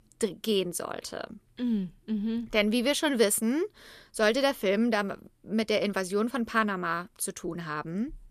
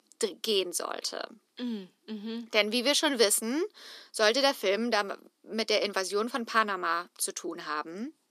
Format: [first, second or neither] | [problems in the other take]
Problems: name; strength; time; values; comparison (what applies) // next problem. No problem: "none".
first | thin; very slightly; fading below 250 Hz